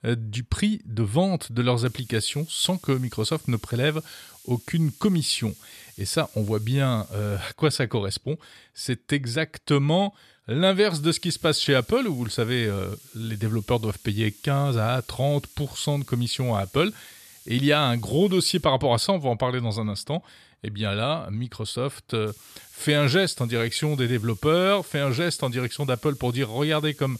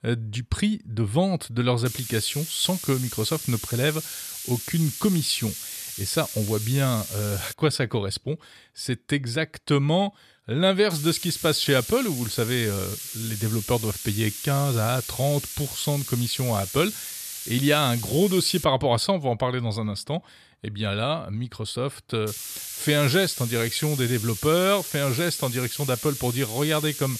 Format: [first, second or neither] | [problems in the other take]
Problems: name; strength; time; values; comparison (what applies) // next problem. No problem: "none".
first | hiss; loud; from 2 to 7.5 s, from 11 to 19 s and from 22 s on; 7 dB below the speech; faint in the first